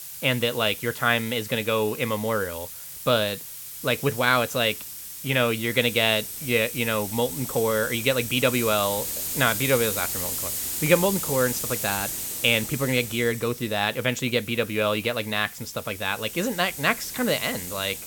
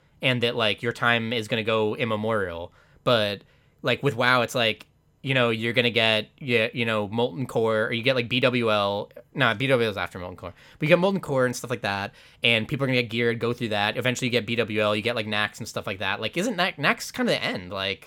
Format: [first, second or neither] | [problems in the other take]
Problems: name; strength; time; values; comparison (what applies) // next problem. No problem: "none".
second | hiss; loud; throughout; 7 dB below the speech